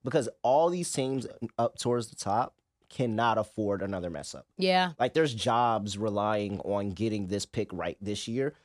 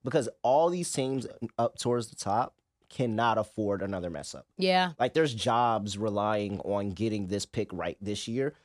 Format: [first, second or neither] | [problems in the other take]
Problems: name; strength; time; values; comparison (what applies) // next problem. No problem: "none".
neither | none